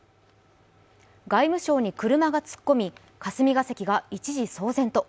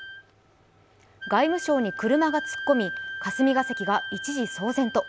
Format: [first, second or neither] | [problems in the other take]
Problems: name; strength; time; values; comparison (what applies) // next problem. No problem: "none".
first | background sound (Wind instrument, woodwind instrument); 10 dB below the speech